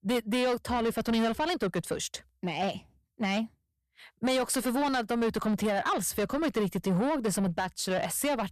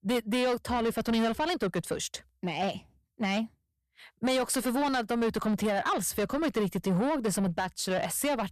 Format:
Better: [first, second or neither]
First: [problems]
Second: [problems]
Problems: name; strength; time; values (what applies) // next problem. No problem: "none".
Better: neither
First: distortion; slight; 10 dB below the speech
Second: distortion; slight; 10 dB below the speech